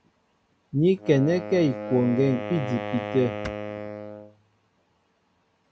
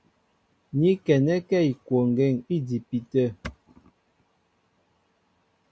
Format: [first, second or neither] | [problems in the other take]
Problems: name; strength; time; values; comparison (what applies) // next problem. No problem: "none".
second | background sound (Wind instrument, woodwind instrument); 9 dB below the speech